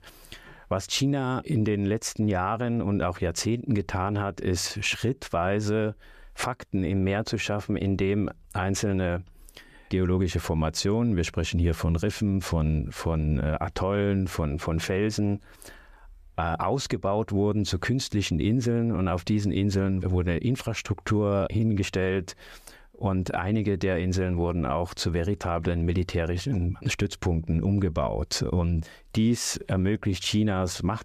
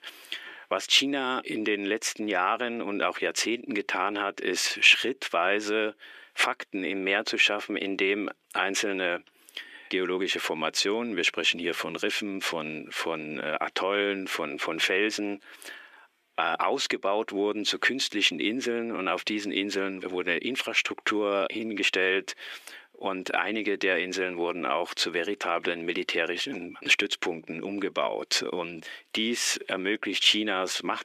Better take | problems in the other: first | thin; somewhat; fading below 300 Hz

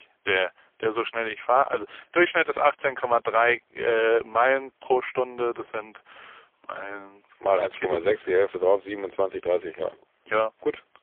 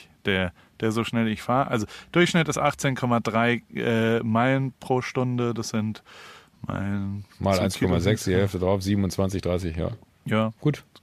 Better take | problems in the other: second | phone-call audio; poor line; nothing above 3.5 kHz

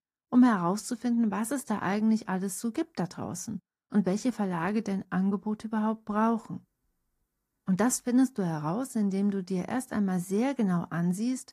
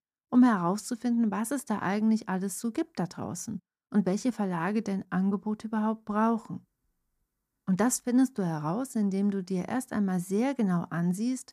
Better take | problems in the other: second | garbled, watery; slightly; nothing above 15 kHz

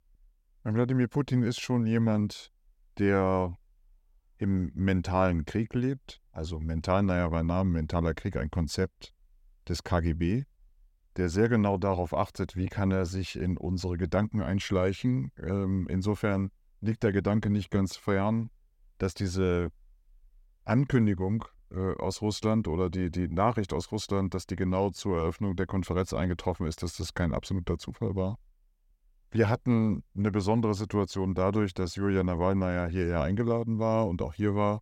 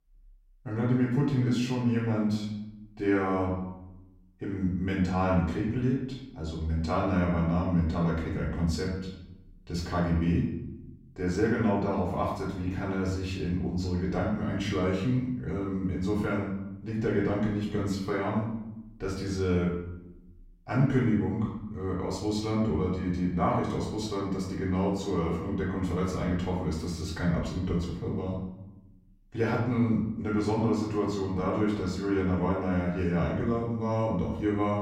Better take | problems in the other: first | off-mic speech; far // room echo; noticeable; dies away in 0.7 s

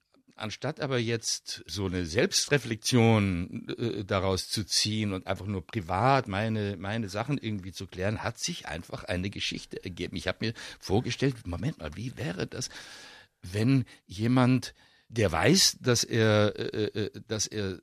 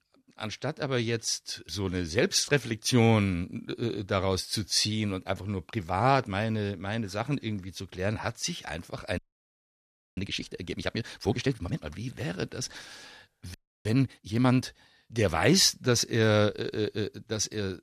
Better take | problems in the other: first | audio freezing; at 9 s for 1 s and at 14 s

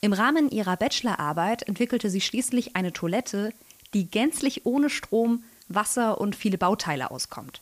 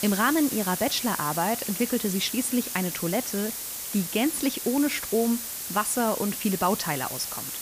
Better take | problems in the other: first | hiss; loud; throughout; 4 dB below the speech; faint in the first

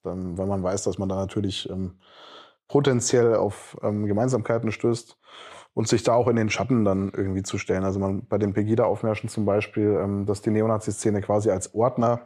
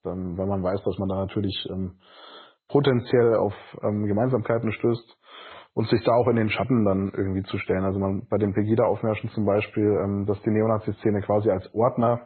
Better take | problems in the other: first | garbled, watery; badly; nothing above 4 kHz

